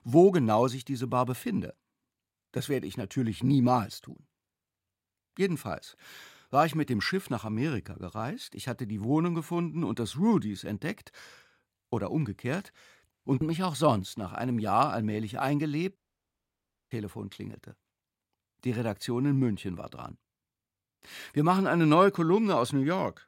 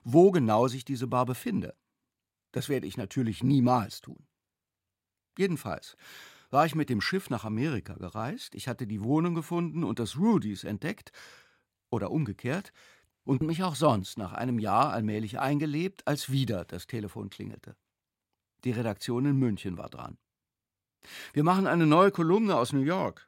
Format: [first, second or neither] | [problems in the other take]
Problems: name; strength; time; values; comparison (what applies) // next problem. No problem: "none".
second | audio cutting out; at 16 s for 1 s